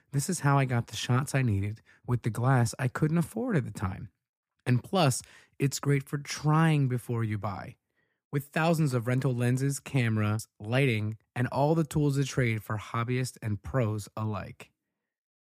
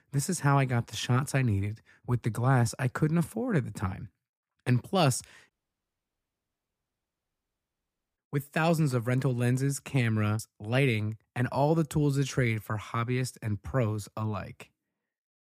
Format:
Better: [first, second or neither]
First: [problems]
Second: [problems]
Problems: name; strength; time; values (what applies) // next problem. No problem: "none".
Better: first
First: none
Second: audio cutting out; at 5.5 s for 2.5 s